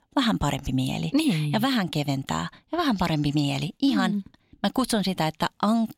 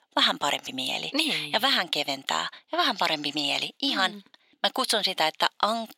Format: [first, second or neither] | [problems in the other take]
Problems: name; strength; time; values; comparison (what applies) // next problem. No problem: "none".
first | thin; somewhat; fading below 550 Hz